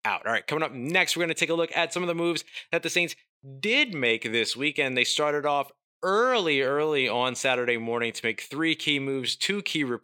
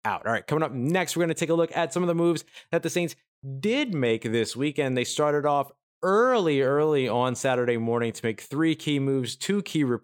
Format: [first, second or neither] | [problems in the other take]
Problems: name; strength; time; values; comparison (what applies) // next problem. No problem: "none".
second | thin; very slightly; fading below 600 Hz